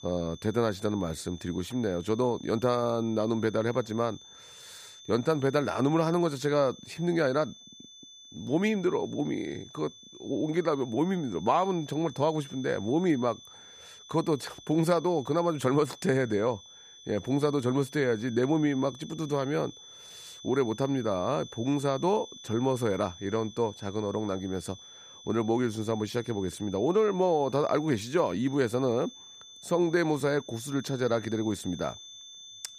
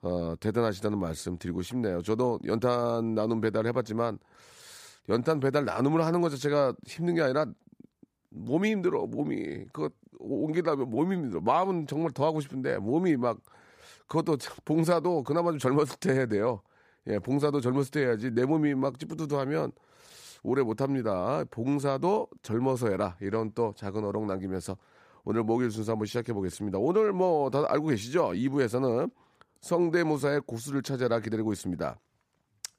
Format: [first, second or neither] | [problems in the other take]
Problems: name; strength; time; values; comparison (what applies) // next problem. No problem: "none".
second | high-pitched whine; noticeable; throughout; 3.5 kHz, 20 dB below the speech